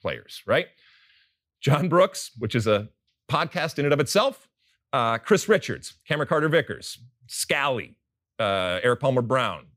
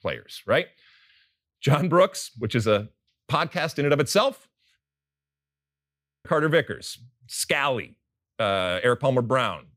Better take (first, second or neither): first